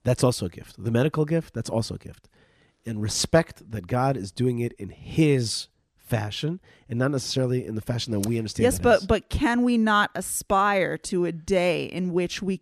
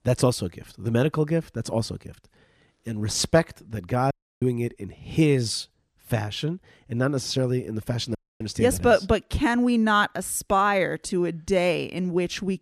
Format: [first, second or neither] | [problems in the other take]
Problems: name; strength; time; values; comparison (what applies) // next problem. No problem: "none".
first | audio cutting out; at 4 s and at 8 s